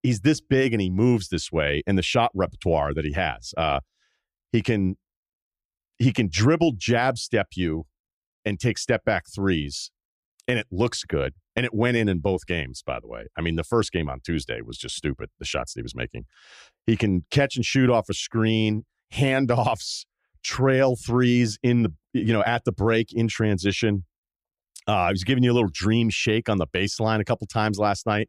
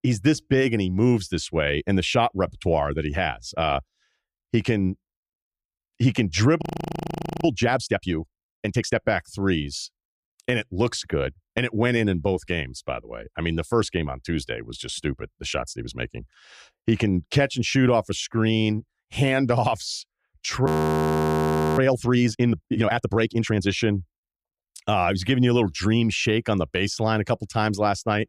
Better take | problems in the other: first | audio freezing; at 6.5 s for 1 s and at 21 s for 1 s

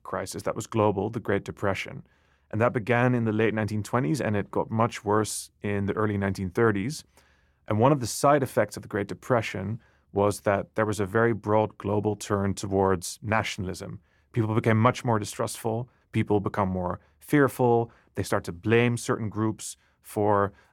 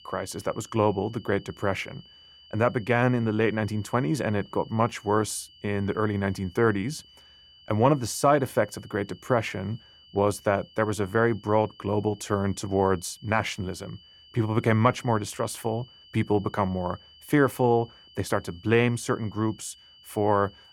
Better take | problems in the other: first | high-pitched whine; faint; throughout; 3 kHz, 25 dB below the speech

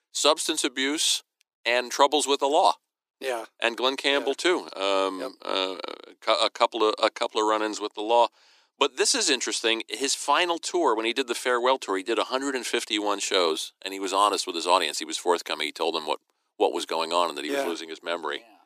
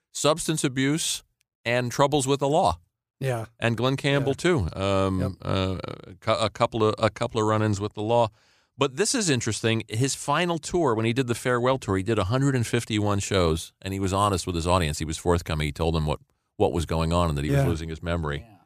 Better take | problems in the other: second | thin; somewhat; fading below 300 Hz

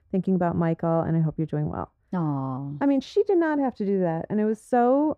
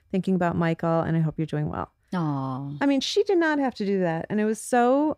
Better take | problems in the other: second | muffled; slightly; fading above 1.5 kHz

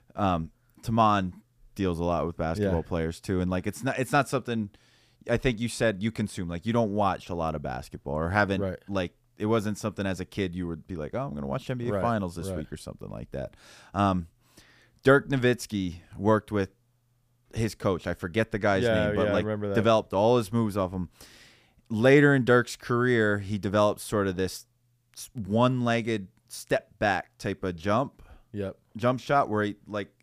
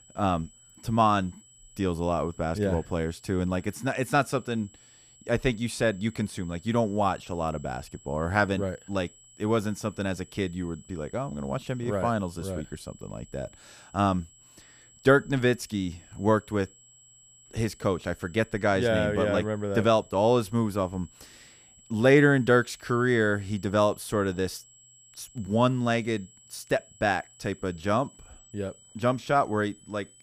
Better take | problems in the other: first | high-pitched whine; faint; throughout; 7.5 kHz, 25 dB below the speech

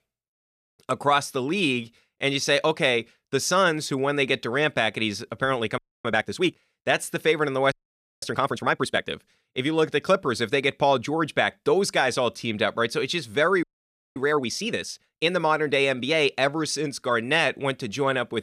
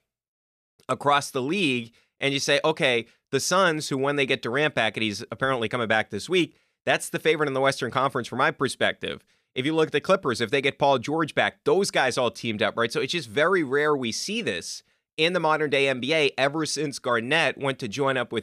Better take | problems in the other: second | audio freezing; at 6 s, at 7.5 s for 0.5 s and at 14 s for 0.5 s

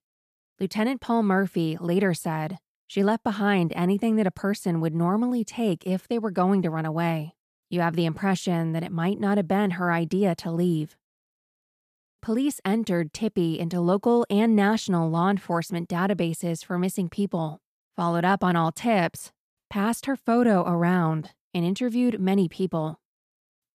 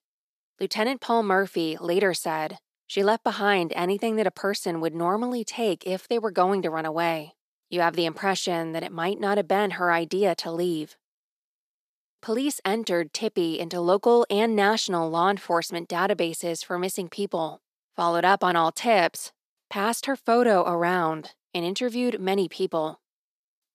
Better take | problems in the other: first | thin; somewhat; fading below 400 Hz

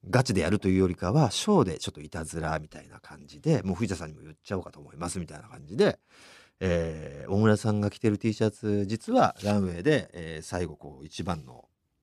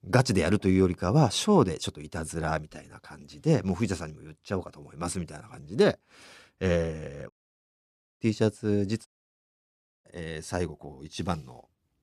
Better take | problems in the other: first | audio cutting out; at 7.5 s for 1 s and at 9 s for 1 s

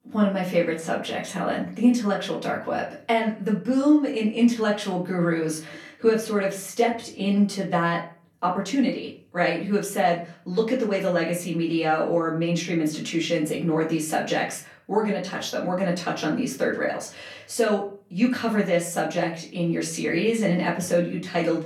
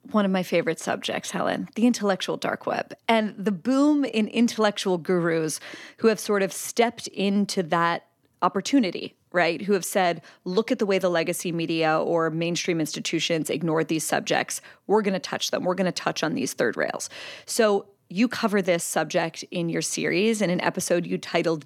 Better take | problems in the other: second | off-mic speech; far // room echo; slight; dies away in 0.4 s

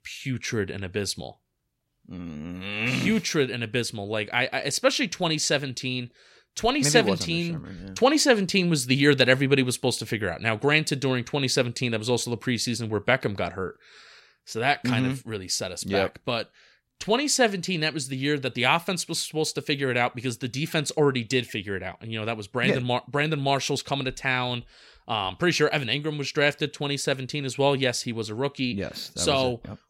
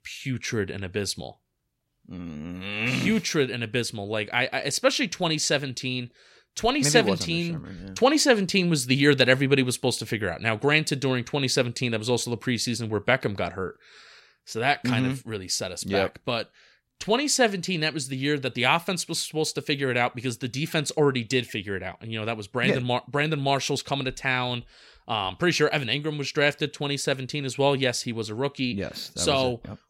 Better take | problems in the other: neither | none

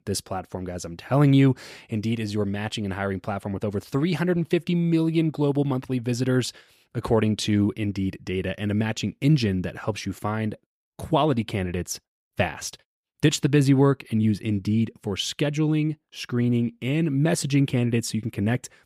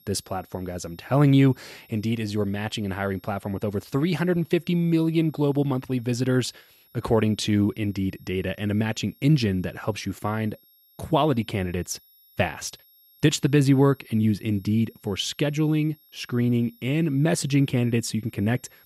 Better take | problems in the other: first | high-pitched whine; faint; throughout; 11.5 kHz, 30 dB below the speech

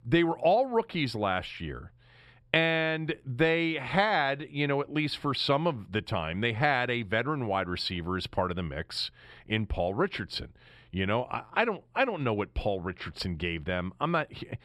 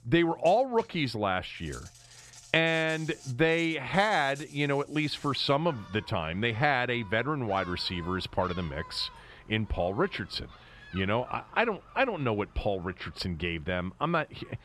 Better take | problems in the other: first | animal sounds; faint; throughout; 20 dB below the speech

